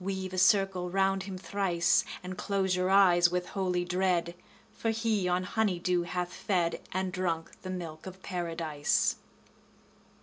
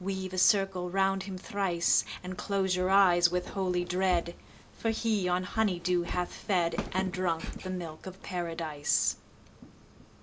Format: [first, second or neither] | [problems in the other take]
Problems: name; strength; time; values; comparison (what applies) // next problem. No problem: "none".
first | background sound (Walk, footsteps); 13 dB below the speech